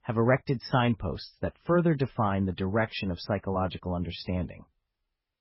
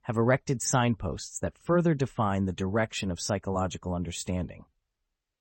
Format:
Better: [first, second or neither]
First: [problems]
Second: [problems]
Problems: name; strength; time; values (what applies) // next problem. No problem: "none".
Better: second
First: garbled, watery; badly; nothing above 5.5 kHz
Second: none